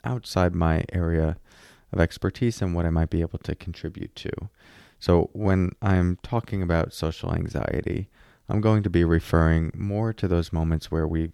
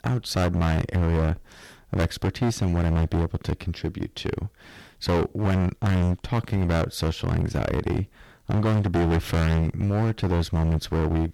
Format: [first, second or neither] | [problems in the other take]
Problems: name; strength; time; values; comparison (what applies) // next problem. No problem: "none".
first | distortion; heavy; 19% of the sound clipped